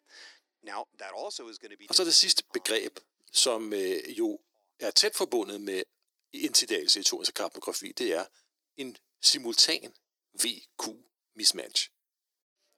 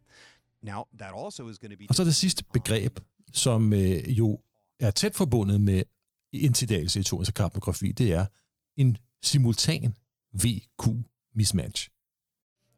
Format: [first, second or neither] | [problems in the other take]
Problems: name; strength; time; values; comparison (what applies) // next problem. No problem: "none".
second | thin; very; fading below 300 Hz